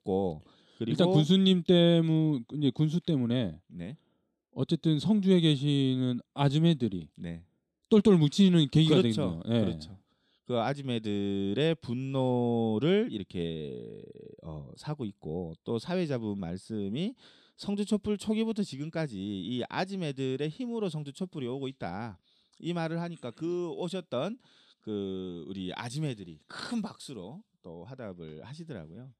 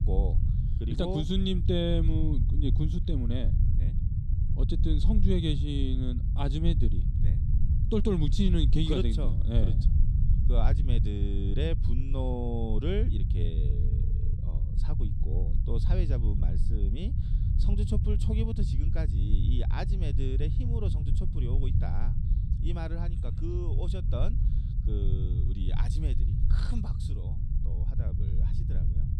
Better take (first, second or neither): first